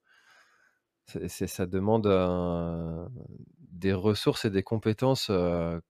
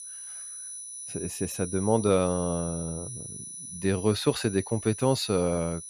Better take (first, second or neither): first